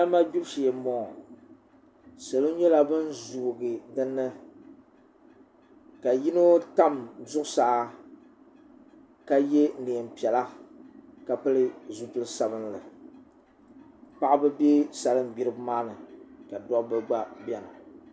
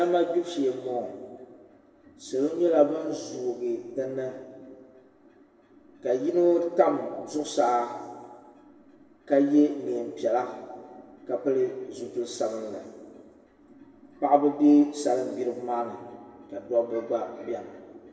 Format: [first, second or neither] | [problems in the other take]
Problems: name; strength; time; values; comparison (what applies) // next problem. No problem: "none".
first | room echo; dies away in 1.6 s